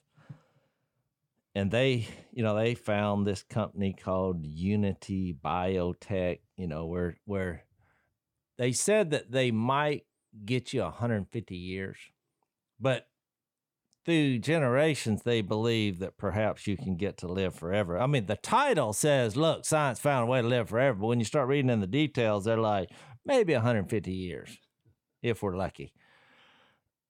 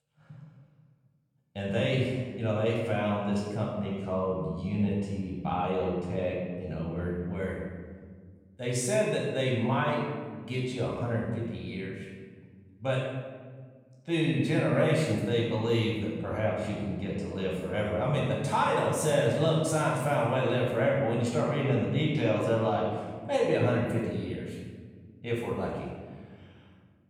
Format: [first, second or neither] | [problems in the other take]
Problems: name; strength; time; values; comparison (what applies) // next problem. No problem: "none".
first | off-mic speech; far // room echo; noticeable; dies away in 1.4 s